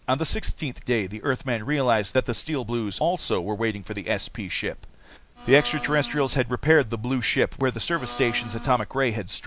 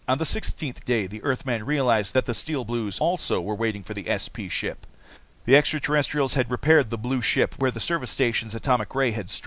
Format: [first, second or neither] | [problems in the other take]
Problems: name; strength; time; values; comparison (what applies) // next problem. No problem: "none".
second | background sound (Domestic sounds, home sounds); 13 dB below the speech